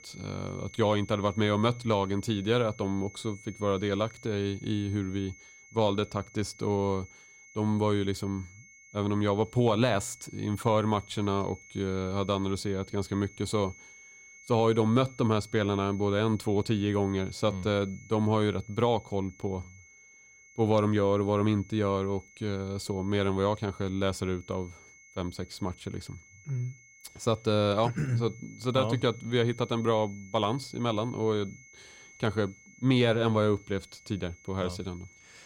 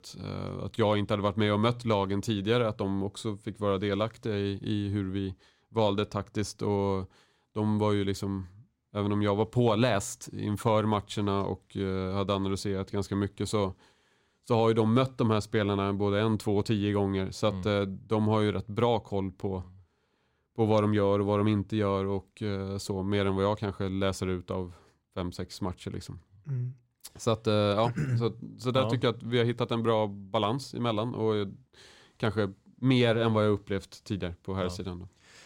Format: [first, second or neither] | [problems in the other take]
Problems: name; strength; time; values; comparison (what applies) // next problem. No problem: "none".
second | high-pitched whine; faint; throughout; 2 kHz, 25 dB below the speech